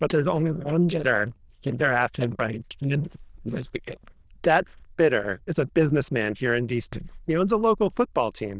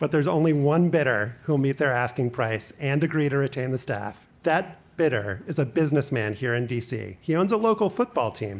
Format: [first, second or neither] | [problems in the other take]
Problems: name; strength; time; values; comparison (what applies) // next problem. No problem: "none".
second | noise reduction (neural diffusion model UNIVERSE++)